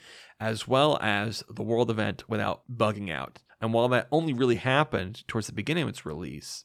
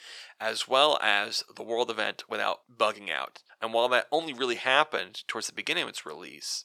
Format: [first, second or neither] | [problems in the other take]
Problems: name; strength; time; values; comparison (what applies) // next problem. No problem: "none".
first | thin; very; fading below 550 Hz